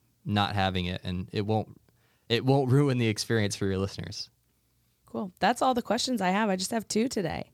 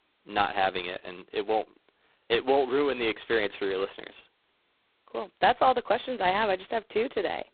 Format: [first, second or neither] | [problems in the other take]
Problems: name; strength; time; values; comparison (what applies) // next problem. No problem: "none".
first | phone-call audio; poor line; nothing above 4 kHz